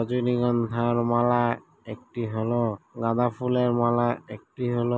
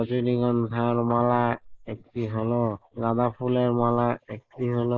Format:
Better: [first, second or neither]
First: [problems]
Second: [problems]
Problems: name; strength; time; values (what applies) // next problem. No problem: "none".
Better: first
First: none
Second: noise reduction (neural mask model Resemble Enhance denoiser)